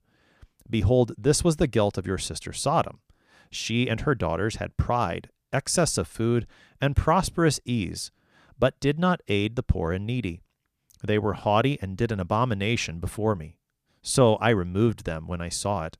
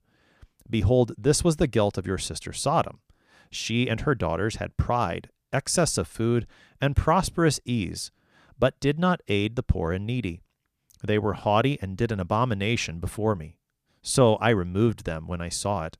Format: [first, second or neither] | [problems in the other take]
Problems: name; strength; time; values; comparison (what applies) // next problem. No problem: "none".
neither | none